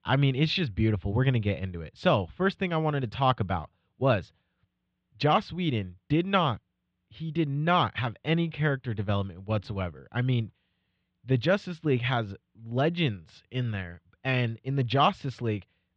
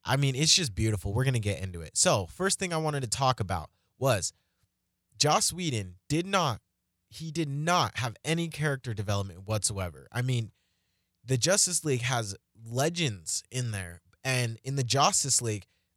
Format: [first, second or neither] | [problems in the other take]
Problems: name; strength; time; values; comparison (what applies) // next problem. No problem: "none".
second | muffled; very; fading above 3.5 kHz